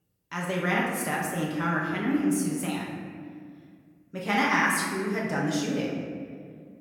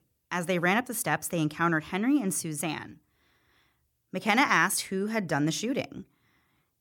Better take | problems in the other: second | room echo; noticeable; dies away in 1.8 s // off-mic speech; far

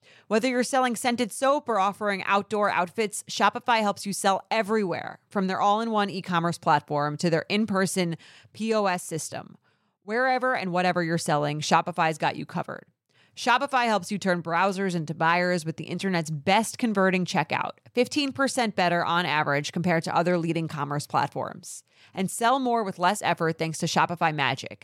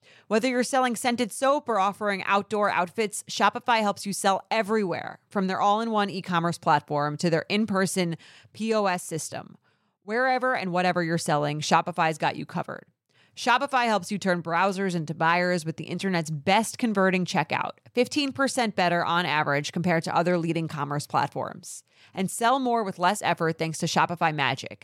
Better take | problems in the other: neither | none

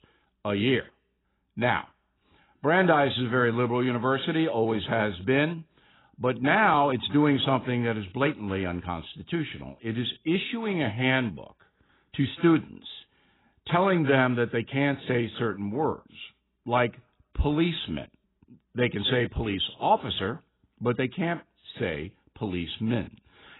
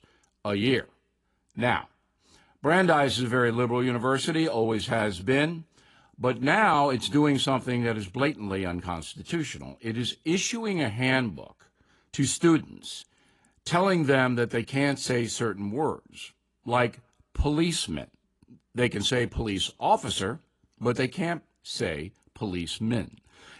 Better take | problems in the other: second | garbled, watery; badly; nothing above 4 kHz; slightly in the second

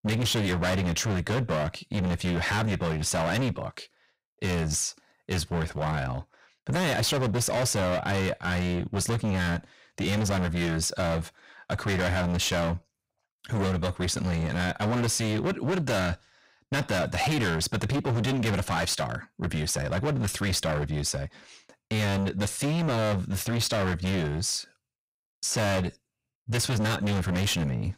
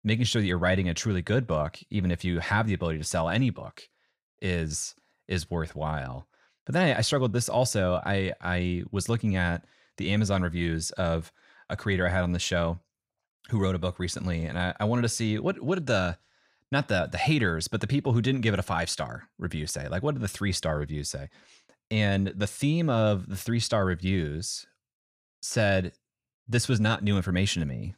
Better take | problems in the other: second | distortion; heavy; 29% of the sound clipped

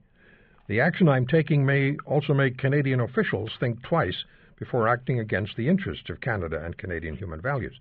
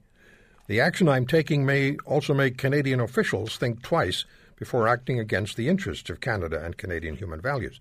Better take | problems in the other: second | muffled; very; fading above 3 kHz

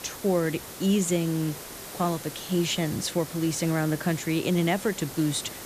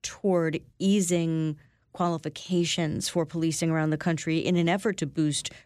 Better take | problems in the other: second | hiss; noticeable; throughout; 10 dB below the speech

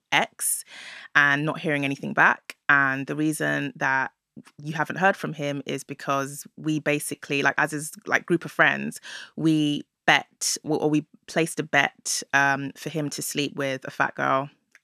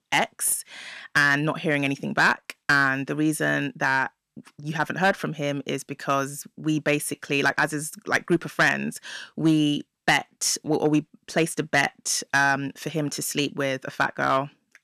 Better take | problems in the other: first | distortion; slight; 2% of the sound clipped

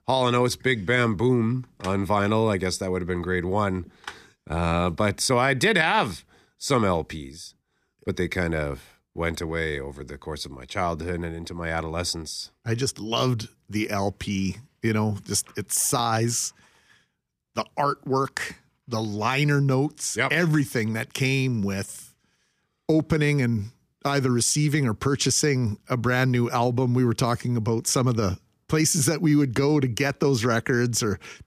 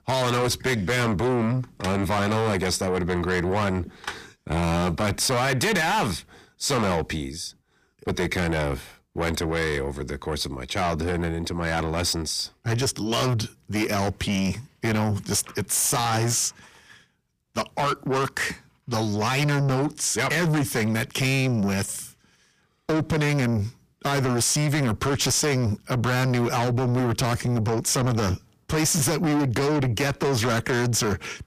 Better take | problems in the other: first | distortion; heavy; 6 dB below the speech

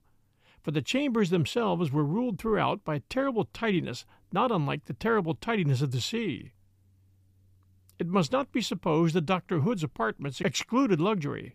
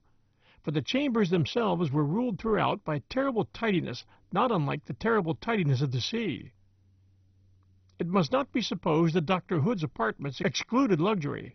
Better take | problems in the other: first | garbled, watery; badly; nothing above 6 kHz

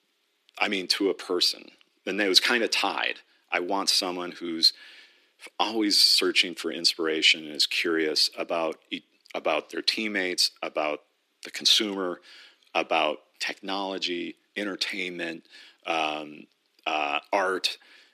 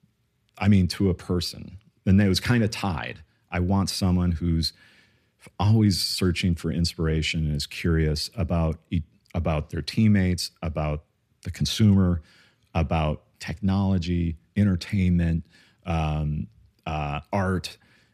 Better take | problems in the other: second | thin; very; fading below 300 Hz

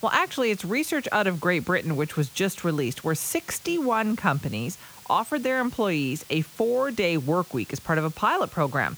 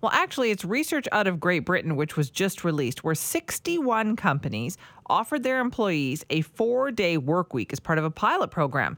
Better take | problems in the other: second | hiss; noticeable; throughout; 20 dB below the speech

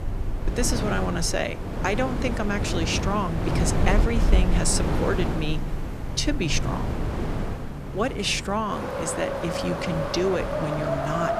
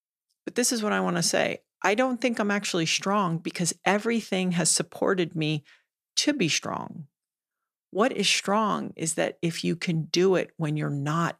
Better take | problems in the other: second | wind in the background; loud; throughout; as loud as the speech

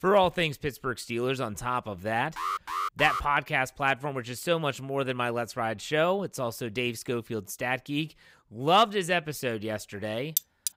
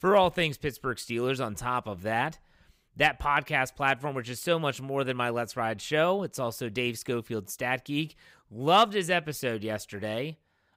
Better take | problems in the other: second | alarm; noticeable; at 2.5 s; peak 2 dB below the speech // clattering dishes; noticeable; at 10 s; peak 1 dB below the speech

